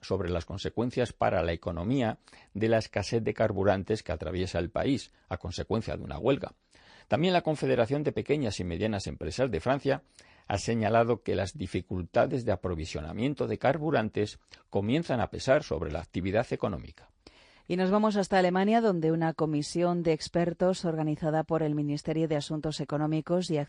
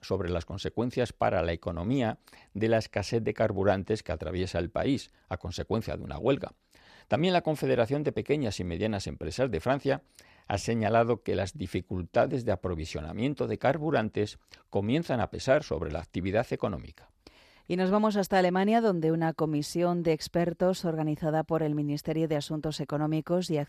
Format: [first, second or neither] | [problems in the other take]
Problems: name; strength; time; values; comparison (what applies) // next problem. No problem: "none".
second | garbled, watery; slightly; nothing above 9 kHz